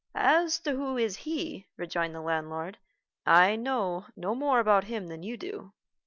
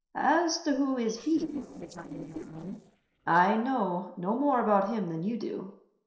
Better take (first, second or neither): first